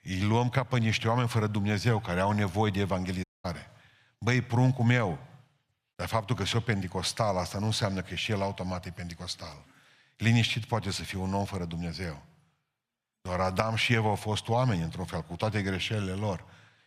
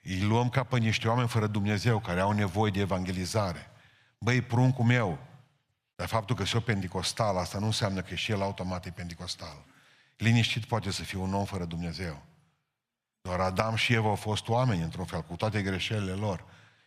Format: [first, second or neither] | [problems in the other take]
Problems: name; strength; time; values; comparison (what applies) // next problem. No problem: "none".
second | audio cutting out; at 3 s